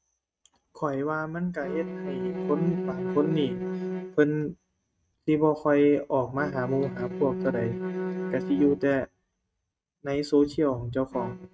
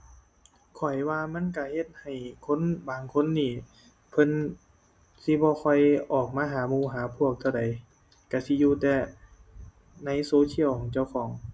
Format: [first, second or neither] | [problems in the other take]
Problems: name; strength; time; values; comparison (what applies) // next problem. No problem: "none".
second | noise reduction (neural mask model RNNoise)